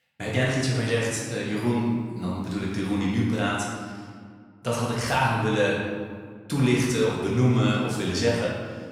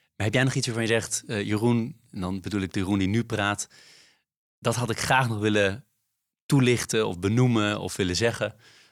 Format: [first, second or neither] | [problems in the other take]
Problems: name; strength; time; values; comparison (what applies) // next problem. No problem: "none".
second | room echo; noticeable; dies away in 1.4 s // off-mic speech; far